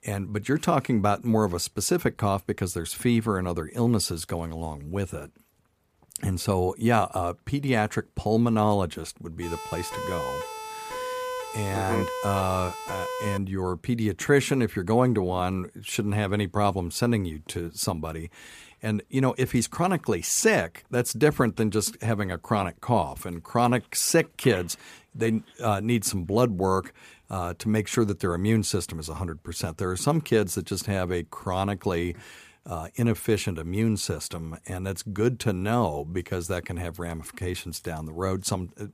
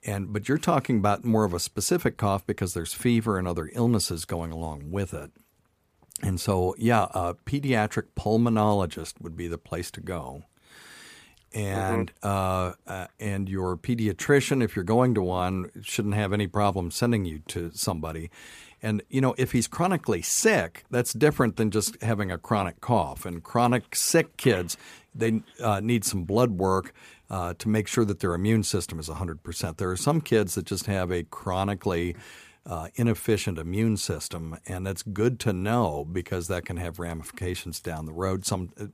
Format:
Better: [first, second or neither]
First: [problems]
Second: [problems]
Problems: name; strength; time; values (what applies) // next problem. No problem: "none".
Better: second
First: siren; noticeable; from 9.5 to 13 s; peak 5 dB below the speech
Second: none